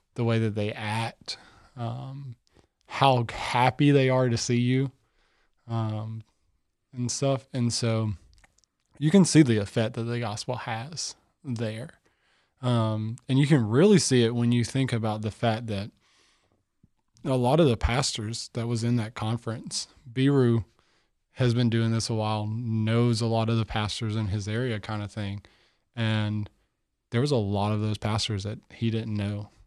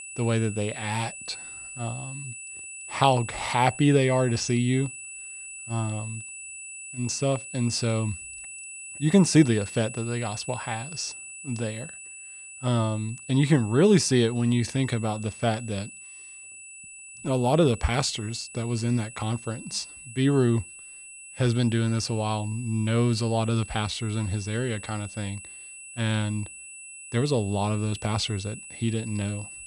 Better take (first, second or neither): first